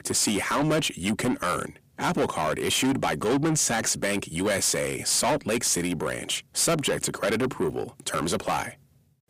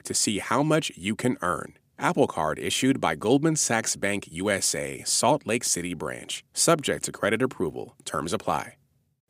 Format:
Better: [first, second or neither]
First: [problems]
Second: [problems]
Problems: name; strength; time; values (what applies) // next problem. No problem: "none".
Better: second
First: distortion; heavy; 6 dB below the speech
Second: none